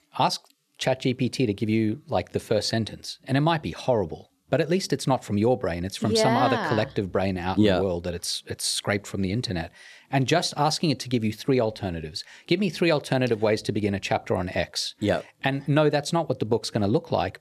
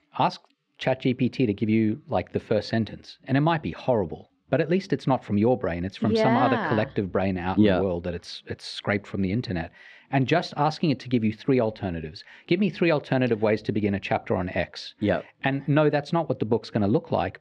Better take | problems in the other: first | muffled; slightly; fading above 2.5 kHz

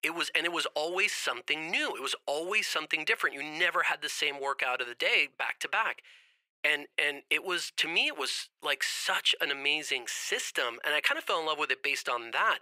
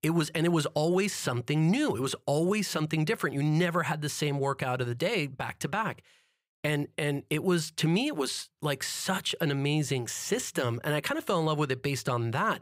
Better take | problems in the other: second | thin; very; fading below 450 Hz

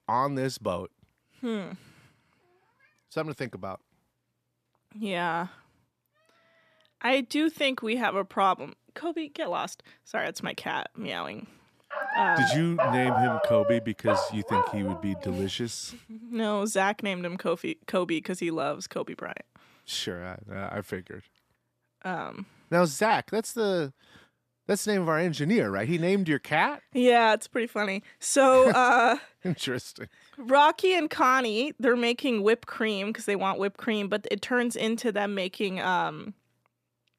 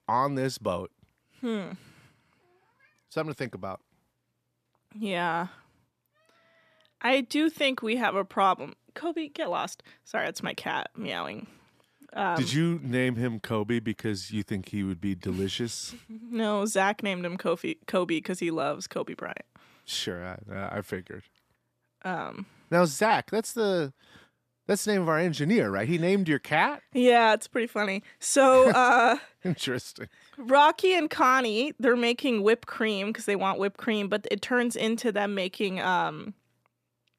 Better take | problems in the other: second | dog barking; loud; from 12 to 15 s; peak 4 dB above the speech

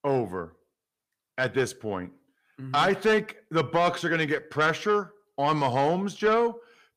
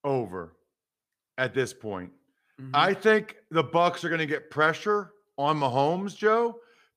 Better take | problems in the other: second | distortion; slight; 10 dB below the speech

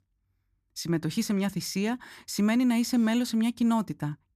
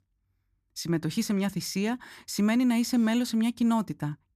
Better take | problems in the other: neither | none

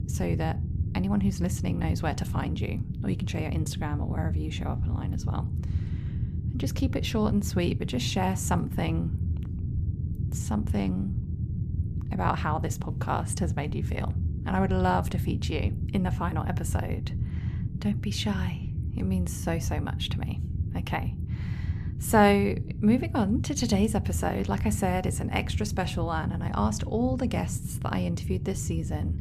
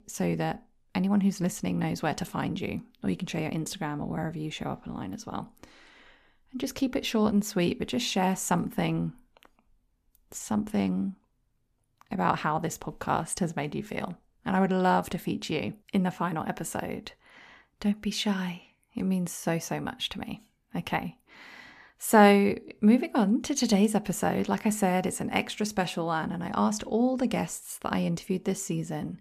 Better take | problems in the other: second | low rumble; noticeable; throughout; 15 dB below the speech

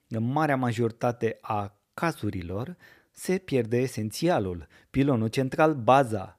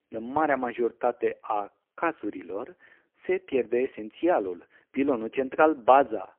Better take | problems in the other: first | phone-call audio; poor line

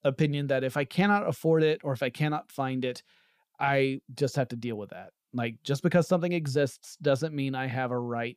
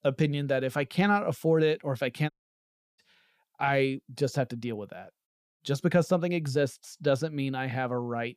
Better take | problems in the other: first | audio cutting out; at 2.5 s for 0.5 s and at 5.5 s

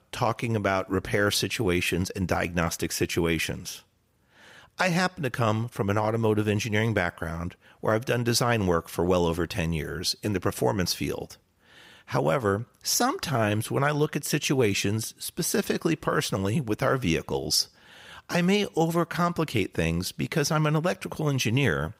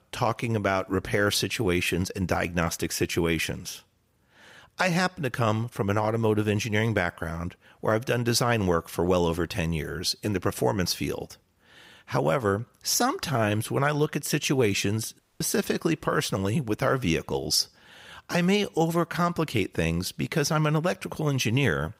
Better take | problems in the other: first | audio cutting out; at 15 s

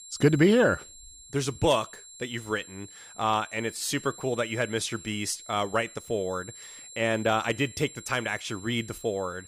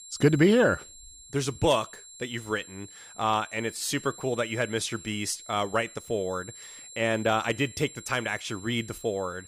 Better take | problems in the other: neither | high-pitched whine; noticeable; throughout; 7.5 kHz, 15 dB below the speech; the same in both

